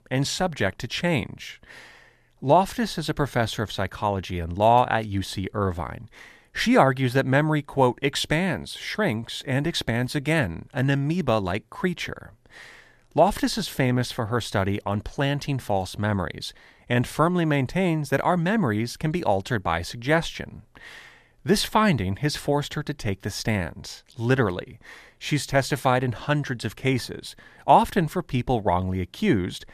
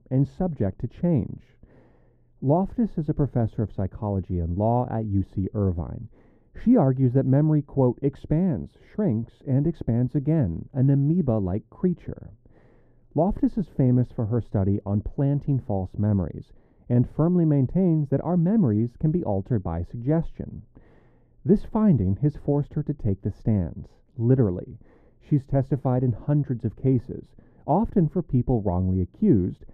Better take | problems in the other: first | muffled; very; fading above 1 kHz

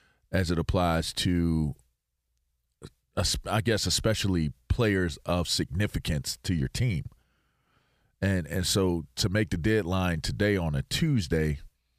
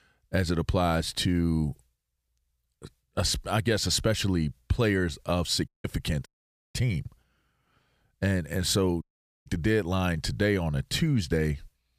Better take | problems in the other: first | audio cutting out; at 5.5 s, at 6.5 s and at 9 s

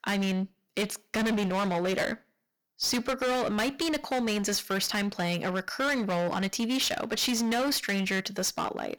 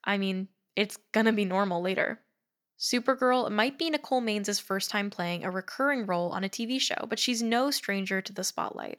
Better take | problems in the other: second | distortion; heavy; 23% of the sound clipped

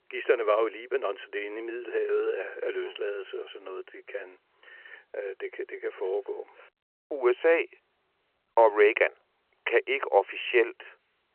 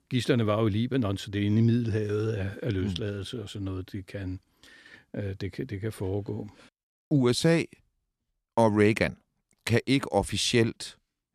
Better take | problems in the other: second | phone-call audio

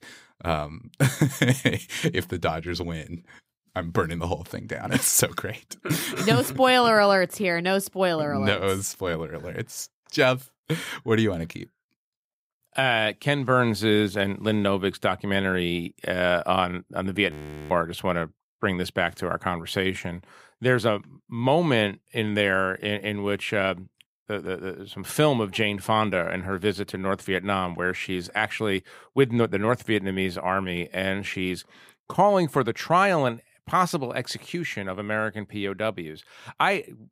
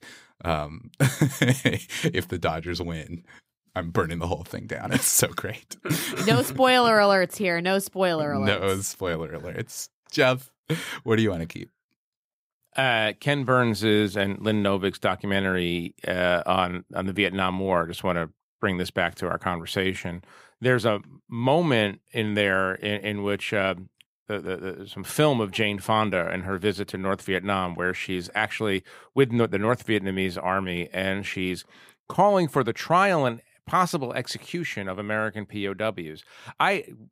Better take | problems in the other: second | audio freezing; at 17 s

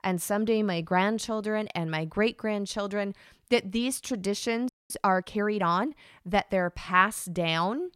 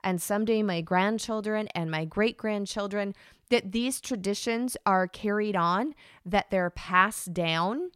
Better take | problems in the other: second | audio freezing; at 4.5 s

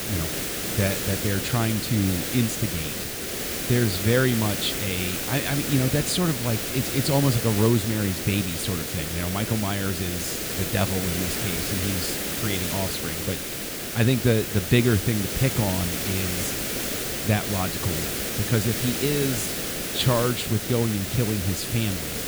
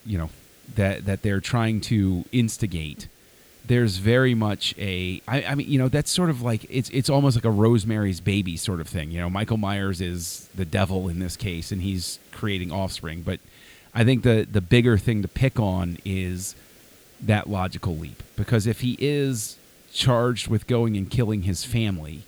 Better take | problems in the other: second | hiss; loud; throughout; 1 dB below the speech; faint in the second

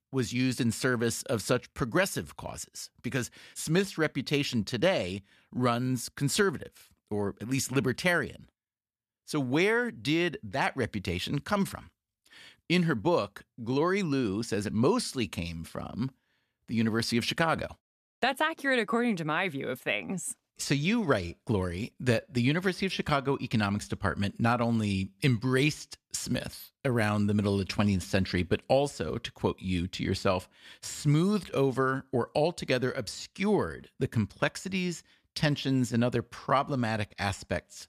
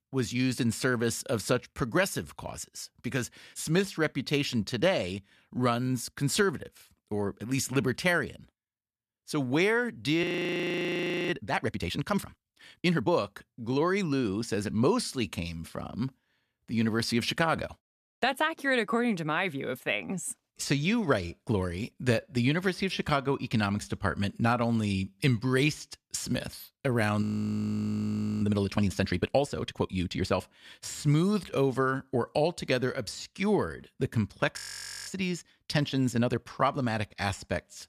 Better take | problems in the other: first | audio freezing; at 10 s for 1 s, at 27 s for 1 s and at 35 s

